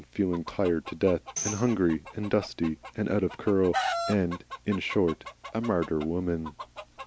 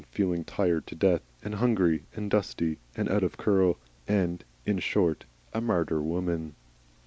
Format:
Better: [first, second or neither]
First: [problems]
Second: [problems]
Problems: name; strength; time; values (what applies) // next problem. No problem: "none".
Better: second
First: background sound (Tambourine + Chicken, rooster); 10 dB below the speech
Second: none